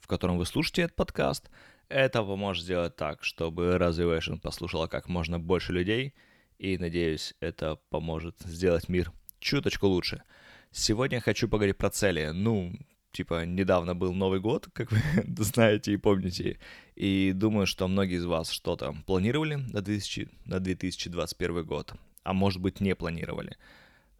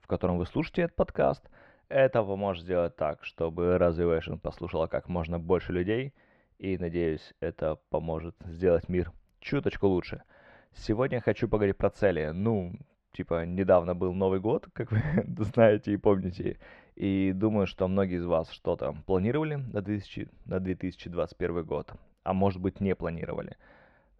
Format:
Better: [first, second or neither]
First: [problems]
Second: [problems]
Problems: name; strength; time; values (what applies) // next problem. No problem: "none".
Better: first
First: none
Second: muffled; very; fading above 2 kHz